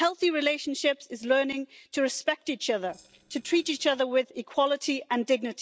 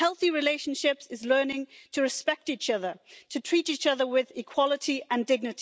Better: second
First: noise reduction (neural separator model SepFormer DNS4)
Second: none

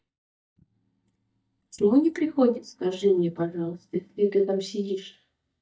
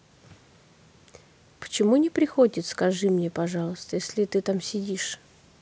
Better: second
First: noise reduction (neural mask model DeepFilterNet 3)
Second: none

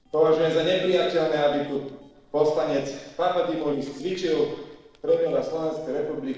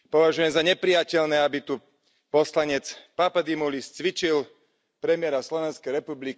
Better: second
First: noise reduction (neural separator model SepFormer DNS4)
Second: none

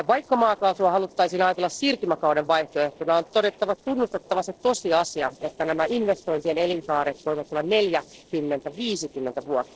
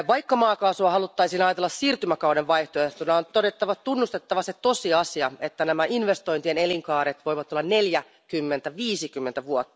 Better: second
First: noise reduction (neural separator model SepFormer DNS4)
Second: none

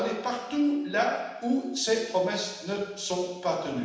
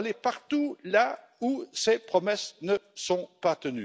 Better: second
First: room echo; dies away in 1.1 s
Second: none

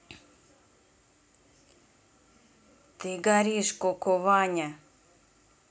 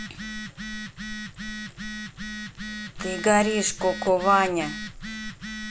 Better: first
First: none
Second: background sound (Telephone); 8 dB below the speech

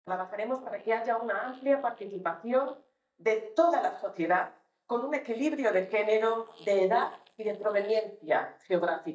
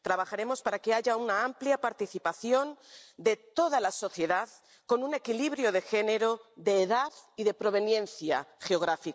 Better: second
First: noise reduction (neural mask model DeepFilterNet 3)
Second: none

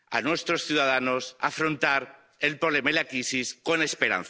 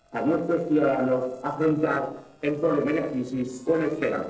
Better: first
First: none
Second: noise reduction (neural separator model SepFormer DNS4)

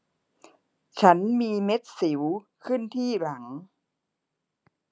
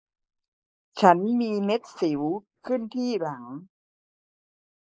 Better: first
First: none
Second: noise reduction (neural mask model Resemble Enhance denoiser)

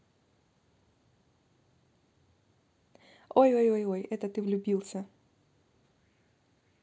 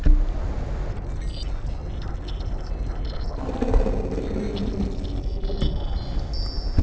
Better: first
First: none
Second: noise reduction (neural separator model SepFormer DNS4)

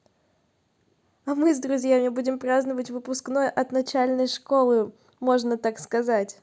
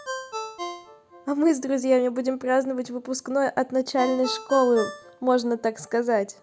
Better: first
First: none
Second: background sound (Ringtone); 14 dB below the speech

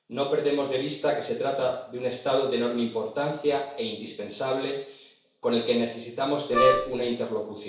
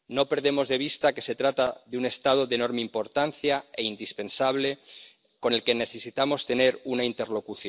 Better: second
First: background sound (Wind instrument, woodwind instrument); 1 dB above the speech // room echo; dies away in 0.6 s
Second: none

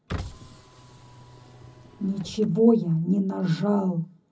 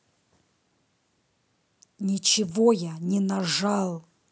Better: second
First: background sound (Car); 15 dB below the speech // room echo; dies away in 0.4 s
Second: none

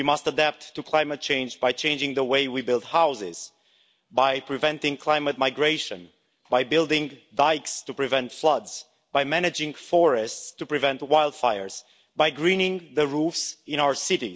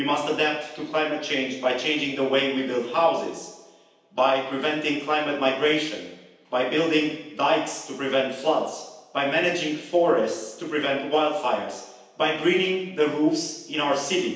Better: first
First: none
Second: room echo; dies away in 0.9 s

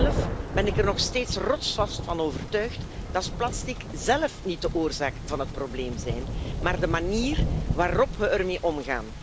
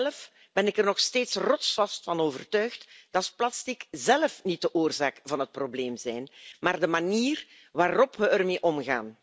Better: second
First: background sound (Thunder); 2 dB below the speech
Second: none

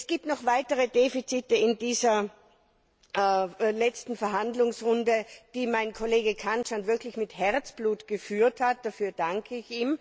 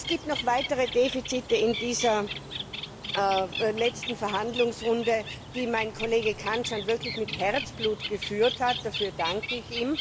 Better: first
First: none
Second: background sound (Bird); 8 dB below the speech

